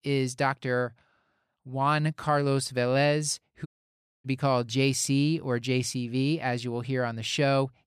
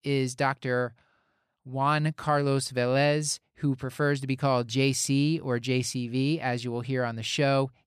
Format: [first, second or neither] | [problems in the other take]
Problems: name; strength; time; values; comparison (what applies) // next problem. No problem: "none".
second | audio cutting out; at 3.5 s for 0.5 s